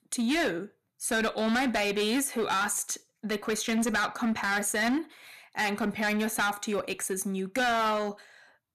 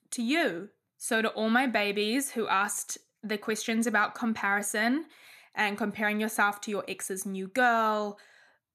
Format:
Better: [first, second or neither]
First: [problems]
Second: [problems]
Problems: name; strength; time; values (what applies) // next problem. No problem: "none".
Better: second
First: distortion; heavy; 14% of the sound clipped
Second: none